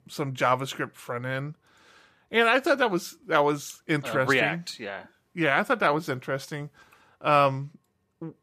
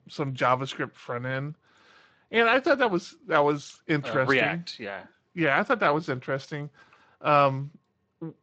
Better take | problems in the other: first | garbled, watery; slightly; nothing above 7.5 kHz

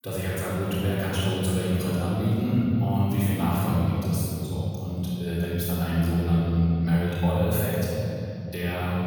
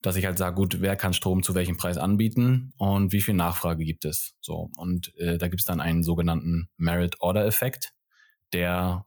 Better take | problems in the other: second | off-mic speech; far // room echo; strong; dies away in 3 s

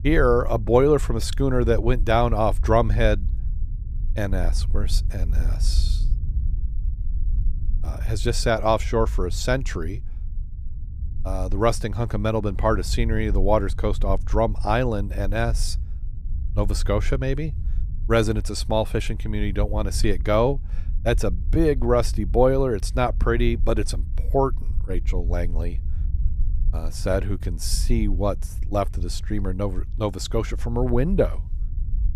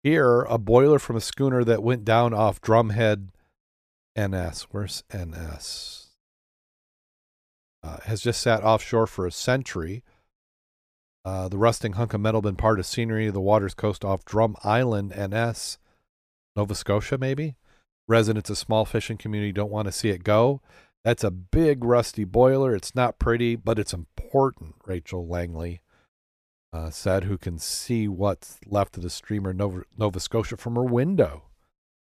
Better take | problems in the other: second | low rumble; faint; throughout; 25 dB below the speech

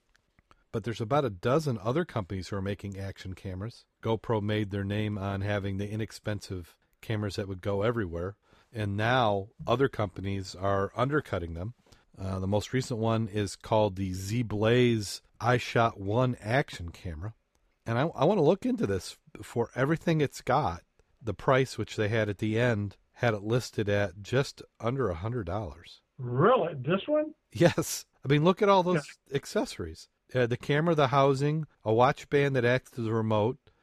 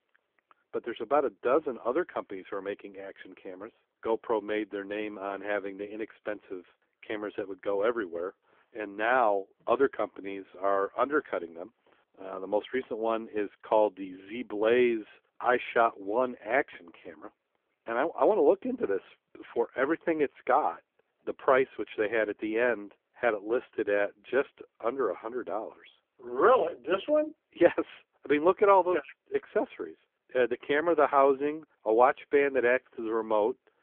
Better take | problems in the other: first | phone-call audio; nothing above 3.5 kHz

